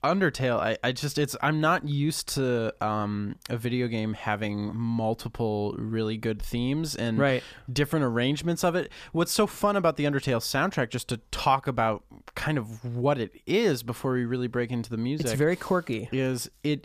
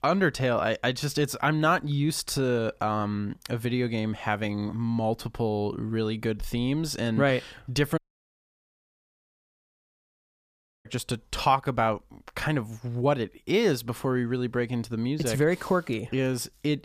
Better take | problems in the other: first | audio cutting out; at 8 s for 3 s

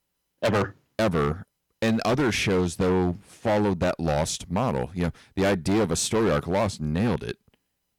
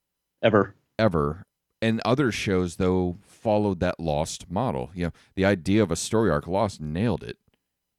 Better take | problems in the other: second | distortion; heavy; 13% of the sound clipped

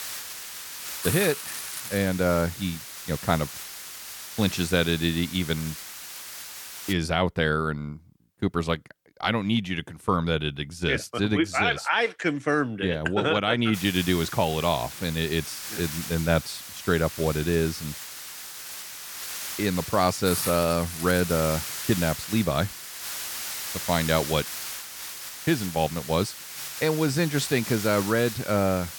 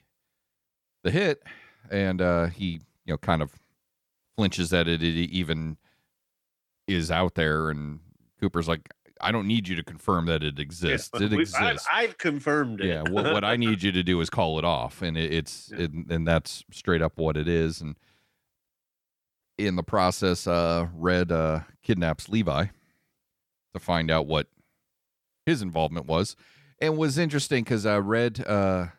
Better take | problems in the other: second | hiss; loud; until 7 s and from 14 s on; 8 dB below the speech

